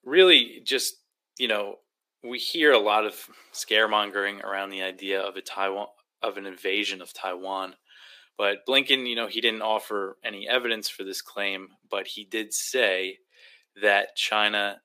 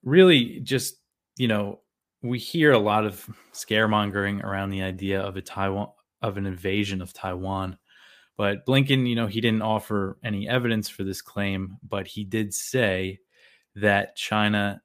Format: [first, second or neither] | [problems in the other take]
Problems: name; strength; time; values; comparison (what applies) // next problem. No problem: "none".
second | thin; very; fading below 350 Hz